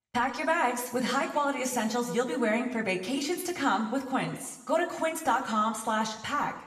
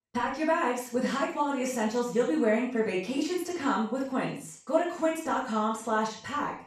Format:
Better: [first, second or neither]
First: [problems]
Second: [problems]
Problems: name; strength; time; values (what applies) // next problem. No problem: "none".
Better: first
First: room echo; slight; dies away in 0.9 s // off-mic speech; somewhat distant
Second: room echo; strong; dies away in 0.4 s // off-mic speech; far